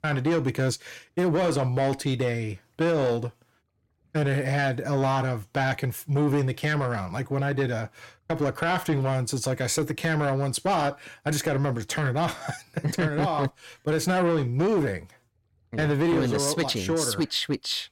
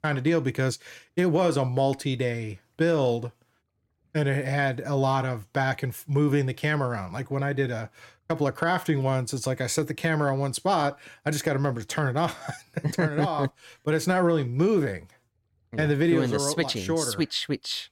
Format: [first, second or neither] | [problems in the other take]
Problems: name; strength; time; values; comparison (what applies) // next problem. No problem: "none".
second | distortion; slight; 10 dB below the speech